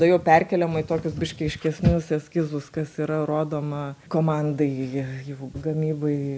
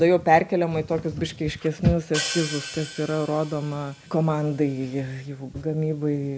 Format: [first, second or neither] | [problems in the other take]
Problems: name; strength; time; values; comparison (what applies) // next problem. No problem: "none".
first | background sound (Hi-hat); 11 dB below the speech